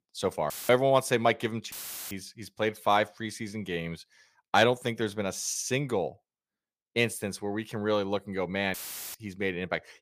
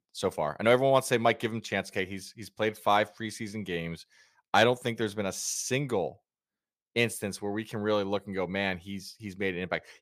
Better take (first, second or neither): second